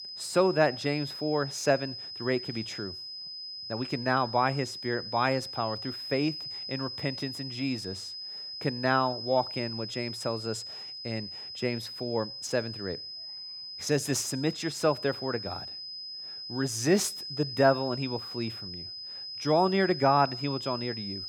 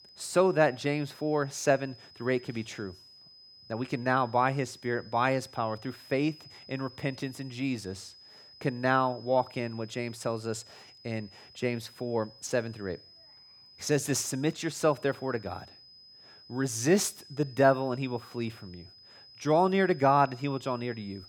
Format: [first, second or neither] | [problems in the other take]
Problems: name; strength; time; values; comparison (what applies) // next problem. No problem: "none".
second | high-pitched whine; loud; throughout; 5 kHz, 7 dB below the speech; faint in the second